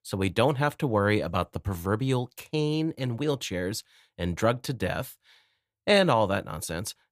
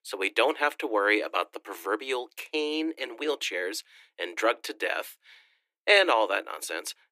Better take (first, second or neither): first